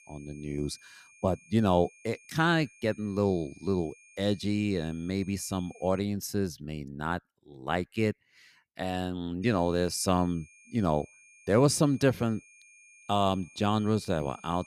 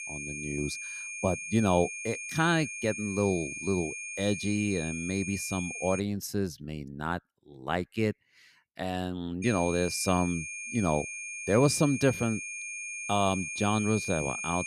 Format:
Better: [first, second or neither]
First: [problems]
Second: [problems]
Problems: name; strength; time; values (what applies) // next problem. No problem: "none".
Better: first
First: high-pitched whine; faint; until 6 s and from 9.5 s on; 2.5 kHz, 25 dB below the speech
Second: high-pitched whine; loud; until 6 s and from 9.5 s on; 2.5 kHz, 6 dB below the speech